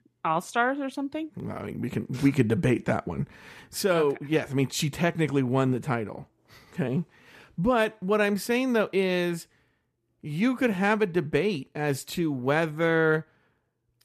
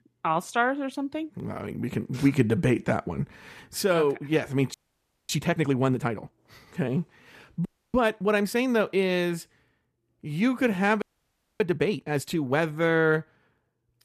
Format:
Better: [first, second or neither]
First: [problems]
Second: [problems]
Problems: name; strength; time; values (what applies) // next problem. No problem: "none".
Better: first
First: none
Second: audio freezing; at 4.5 s for 0.5 s, at 7.5 s and at 11 s for 0.5 s